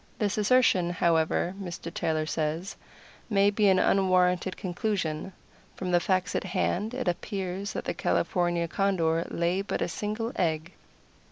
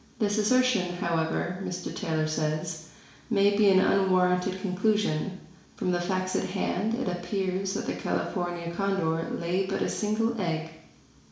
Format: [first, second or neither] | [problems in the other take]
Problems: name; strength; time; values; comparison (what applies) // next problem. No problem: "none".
first | room echo; dies away in 0.7 s